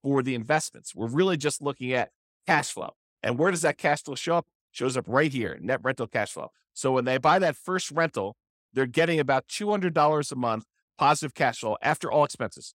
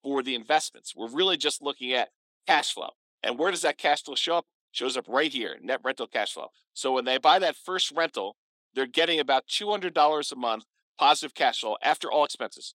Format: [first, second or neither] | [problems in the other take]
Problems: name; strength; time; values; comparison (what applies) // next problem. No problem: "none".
first | thin; somewhat; fading below 250 Hz